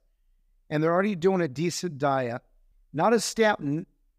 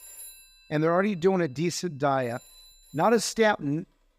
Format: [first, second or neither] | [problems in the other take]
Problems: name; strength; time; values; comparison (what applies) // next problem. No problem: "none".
first | alarms or sirens; faint; throughout; 25 dB below the speech